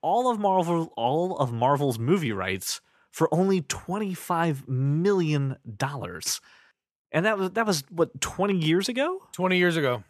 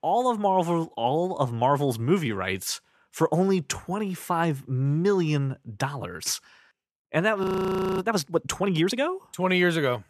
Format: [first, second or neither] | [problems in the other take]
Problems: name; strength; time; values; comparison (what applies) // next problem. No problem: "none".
first | audio freezing; at 7.5 s for 0.5 s